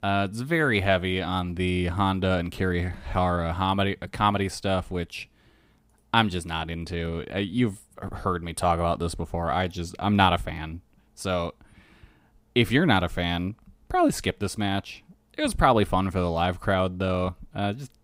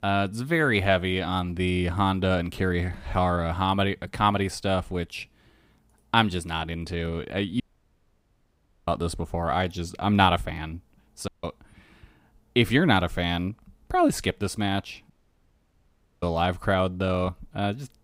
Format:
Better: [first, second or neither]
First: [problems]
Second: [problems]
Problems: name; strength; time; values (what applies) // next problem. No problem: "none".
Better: first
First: none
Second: audio cutting out; at 7.5 s for 1.5 s, at 11 s and at 15 s for 1 s